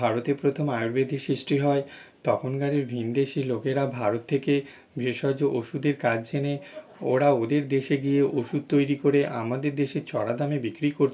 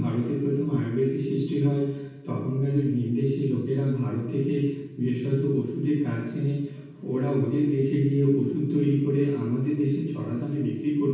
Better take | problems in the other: first | room echo; dies away in 1.2 s

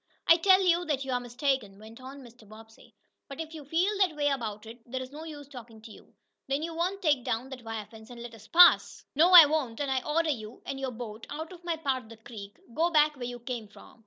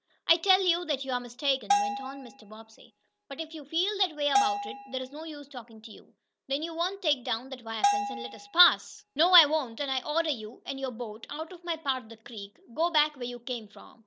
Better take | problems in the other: first | background sound (Bell); 1 dB below the speech

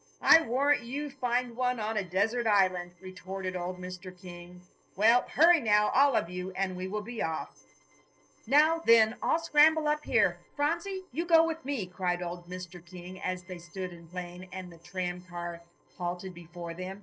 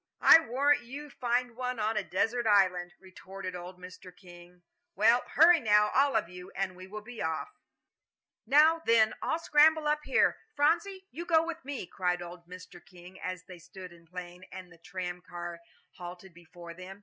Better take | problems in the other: second | noise reduction (neural separator model SepFormer DNS4)

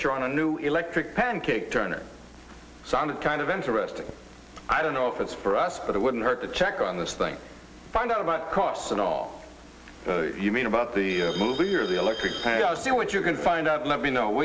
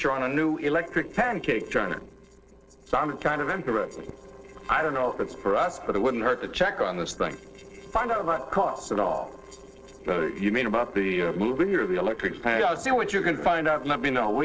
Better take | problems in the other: first | noise reduction (neural separator model SepFormer DNS4)

